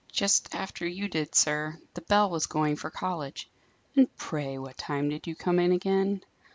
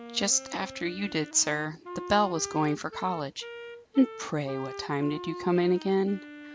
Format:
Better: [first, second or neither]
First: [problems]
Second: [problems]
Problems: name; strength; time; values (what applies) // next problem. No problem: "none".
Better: first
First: none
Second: background sound (Wind instrument, woodwind instrument); 13 dB below the speech